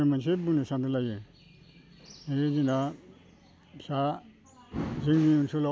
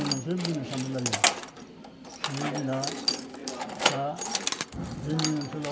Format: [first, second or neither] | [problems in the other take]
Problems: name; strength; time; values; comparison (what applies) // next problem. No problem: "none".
first | background sound (Keys jangling); 2 dB above the speech // room echo; dies away in 2.1 s